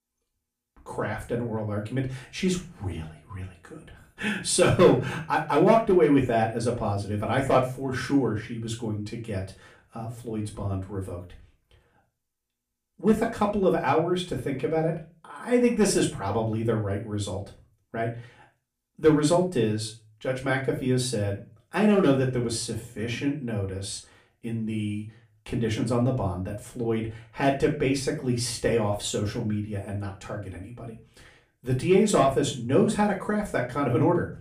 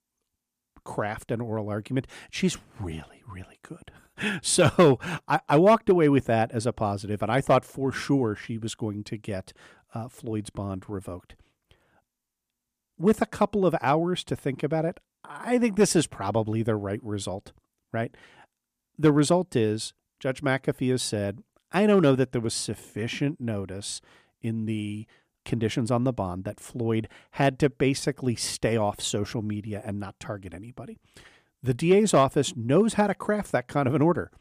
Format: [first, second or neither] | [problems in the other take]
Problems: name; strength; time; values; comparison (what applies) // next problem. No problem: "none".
second | room echo; slight; dies away in 0.3 s // off-mic speech; far